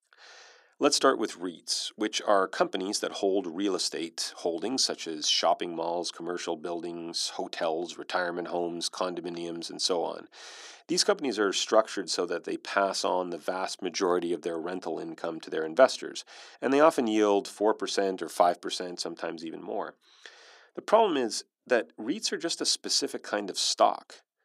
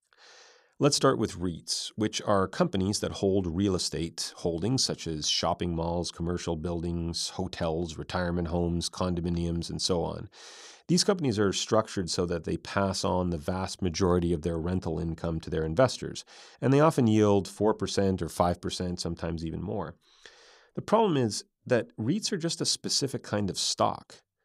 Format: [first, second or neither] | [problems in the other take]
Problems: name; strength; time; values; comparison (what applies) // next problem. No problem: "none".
second | thin; somewhat; fading below 300 Hz